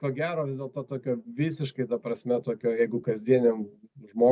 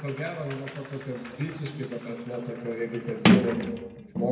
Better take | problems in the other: first | background sound (Sliding door); 3 dB above the speech // room echo; dies away in 1.1 s

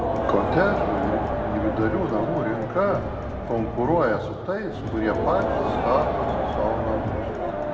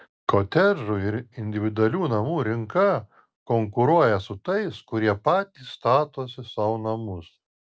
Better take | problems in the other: second | background sound (Crowd); as loud as the speech // room echo; dies away in 1.7 s

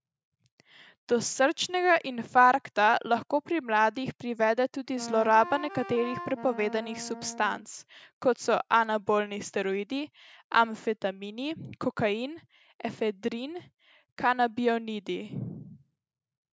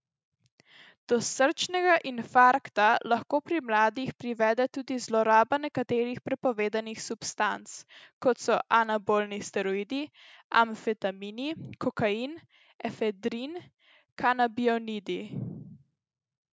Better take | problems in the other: second | background sound (Wind instrument, woodwind instrument); 12 dB below the speech

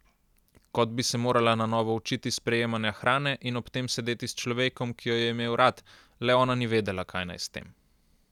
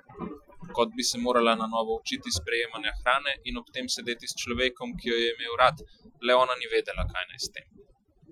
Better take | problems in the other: first | noise reduction (classical method Wiener filter)

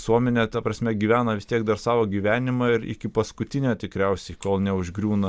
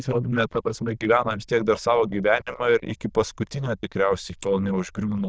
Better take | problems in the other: first | noise reduction (neural diffusion model UNIVERSE++)

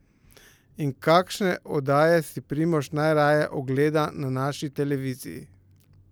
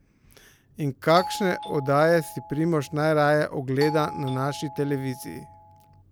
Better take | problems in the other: first | background sound (Doorbell); 13 dB below the speech

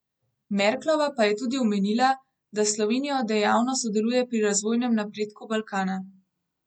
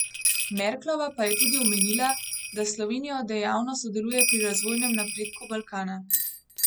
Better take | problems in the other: first | background sound (Bell); as loud as the speech

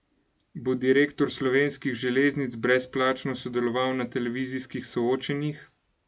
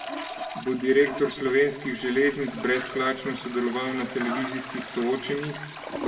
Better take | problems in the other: first | background sound (Toilet flush); 10 dB below the speech // room echo; dies away in 0.8 s

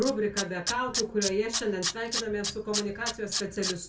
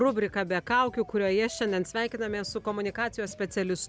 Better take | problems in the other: second | background sound (Tools); 4 dB below the speech // room echo; dies away in 0.3 s

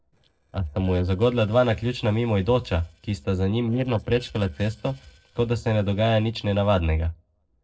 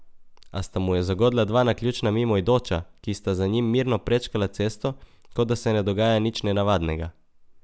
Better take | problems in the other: second | noise reduction (neural separator model SepFormer DNS4)

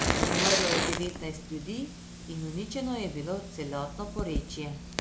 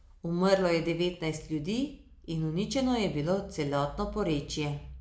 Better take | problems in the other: second | background sound (Fire); 2 dB above the speech

